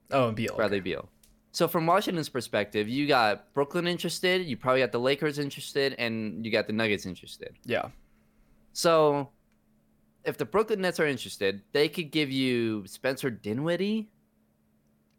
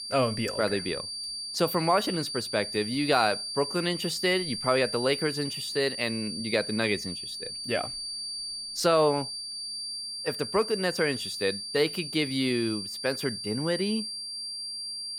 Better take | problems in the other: first | high-pitched whine; loud; throughout; 4.5 kHz, 5 dB below the speech

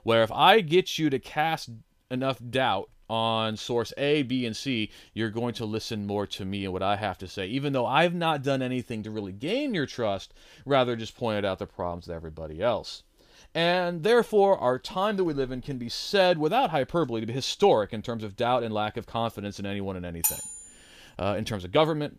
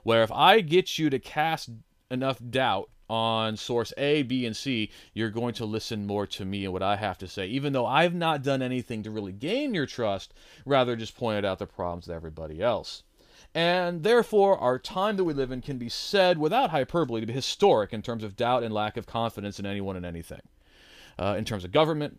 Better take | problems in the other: second | clattering dishes; loud; at 20 s; peak level with the speech

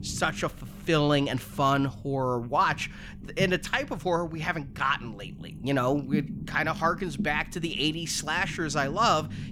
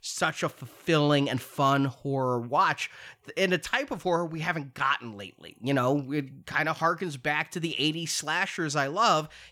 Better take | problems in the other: second | low rumble; faint; throughout; 20 dB below the speech

